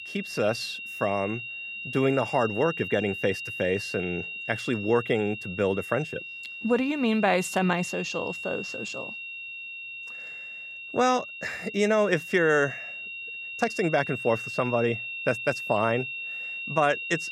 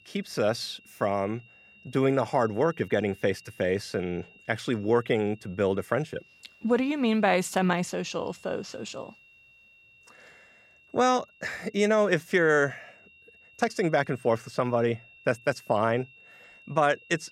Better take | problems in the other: second | high-pitched whine; loud; throughout; 2.5 kHz, 7 dB below the speech; faint in the second

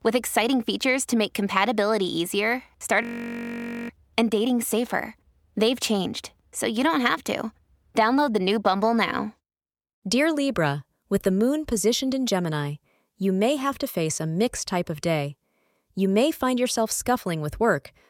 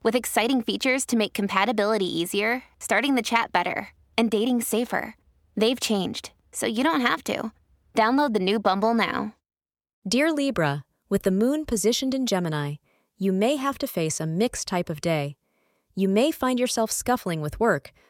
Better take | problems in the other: second | audio freezing; at 3 s for 1 s

